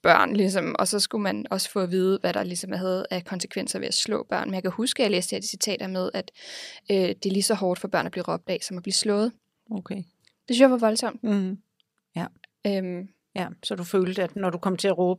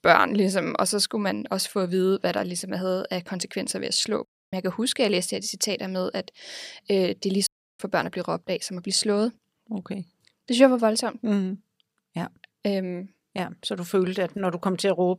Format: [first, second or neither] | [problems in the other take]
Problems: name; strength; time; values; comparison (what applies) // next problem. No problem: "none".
first | audio cutting out; at 4.5 s and at 7.5 s